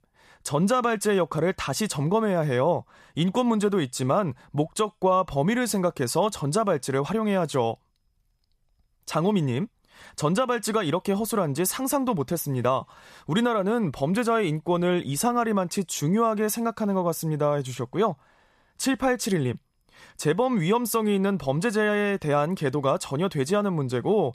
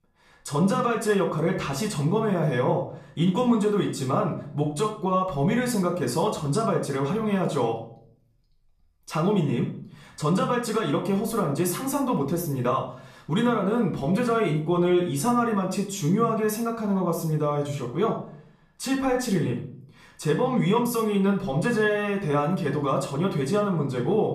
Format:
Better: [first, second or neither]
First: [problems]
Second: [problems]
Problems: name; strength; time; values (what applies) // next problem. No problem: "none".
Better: first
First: none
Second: off-mic speech; far // room echo; slight; dies away in 0.4 s